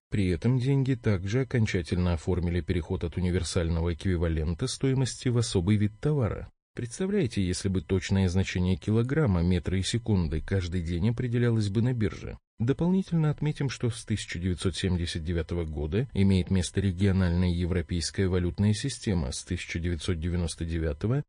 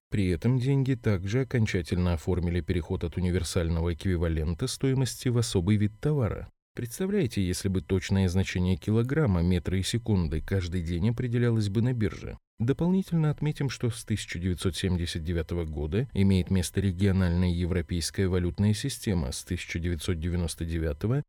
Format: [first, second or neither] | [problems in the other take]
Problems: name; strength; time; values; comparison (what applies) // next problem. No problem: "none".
second | garbled, watery; slightly; nothing above 9 kHz